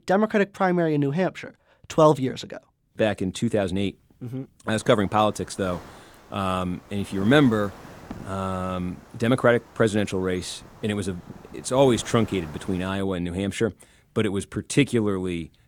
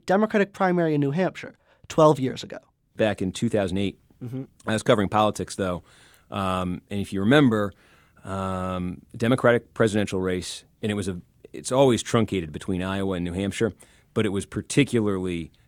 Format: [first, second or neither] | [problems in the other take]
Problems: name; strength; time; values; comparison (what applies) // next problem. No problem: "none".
second | wind noise on the microphone; occasional gusts; from 4.5 to 13 s; 20 dB below the speech